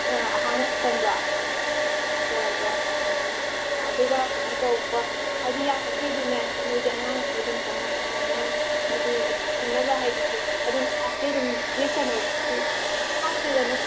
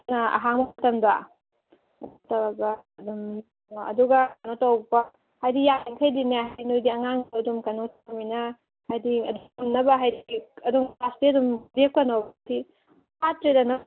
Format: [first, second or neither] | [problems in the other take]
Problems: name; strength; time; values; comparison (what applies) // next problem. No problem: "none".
second | background sound (Domestic sounds, home sounds); 4 dB above the speech // room echo; dies away in 0.5 s